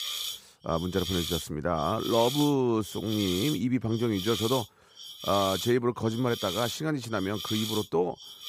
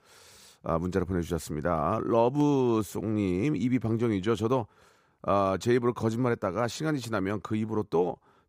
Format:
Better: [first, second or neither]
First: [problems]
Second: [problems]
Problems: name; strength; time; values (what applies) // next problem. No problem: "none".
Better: second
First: hiss; loud; throughout; 6 dB below the speech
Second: none